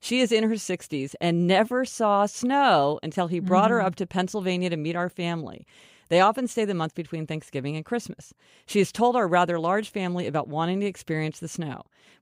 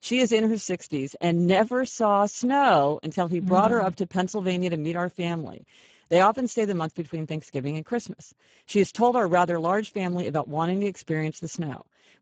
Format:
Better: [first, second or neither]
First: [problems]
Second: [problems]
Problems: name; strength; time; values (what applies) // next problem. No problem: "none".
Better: first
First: none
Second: garbled, watery; badly; nothing above 7.5 kHz